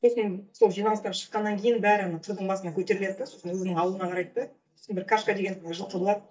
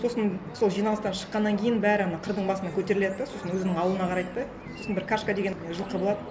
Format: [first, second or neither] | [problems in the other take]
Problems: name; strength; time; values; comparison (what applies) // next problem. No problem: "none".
second | noise reduction (neural mask model DeepFilterNet 3)